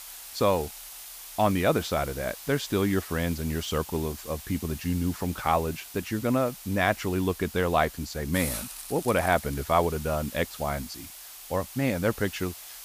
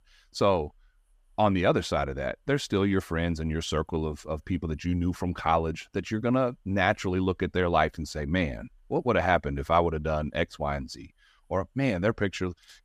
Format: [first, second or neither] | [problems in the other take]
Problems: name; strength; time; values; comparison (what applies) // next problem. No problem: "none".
second | hiss; noticeable; throughout; 10 dB below the speech